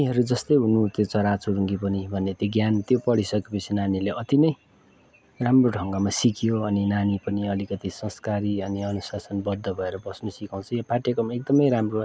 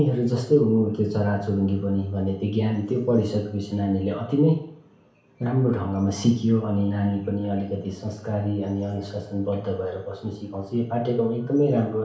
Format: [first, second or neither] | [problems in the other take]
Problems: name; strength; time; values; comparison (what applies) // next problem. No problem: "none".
first | room echo; dies away in 0.6 s